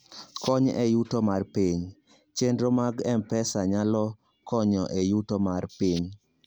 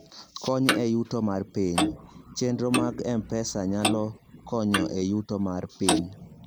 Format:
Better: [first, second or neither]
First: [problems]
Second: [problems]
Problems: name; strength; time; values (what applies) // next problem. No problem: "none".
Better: first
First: none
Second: background sound (Clock); 4 dB below the speech